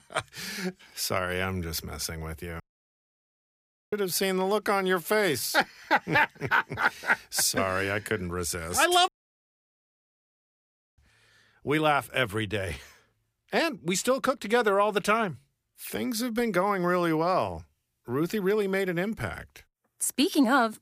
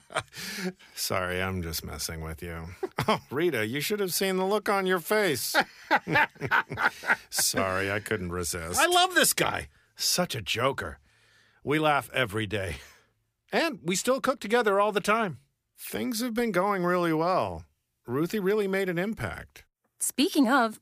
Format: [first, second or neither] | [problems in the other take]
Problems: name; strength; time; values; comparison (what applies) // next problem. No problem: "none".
second | audio cutting out; at 2.5 s for 1.5 s and at 9 s for 2 s